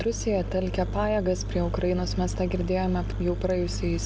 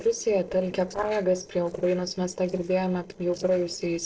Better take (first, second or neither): first